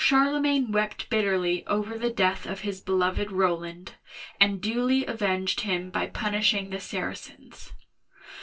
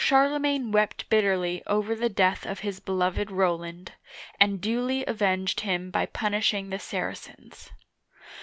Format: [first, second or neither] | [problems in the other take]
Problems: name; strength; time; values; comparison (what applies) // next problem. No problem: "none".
second | noise reduction (neural separator model SepFormer DNS4)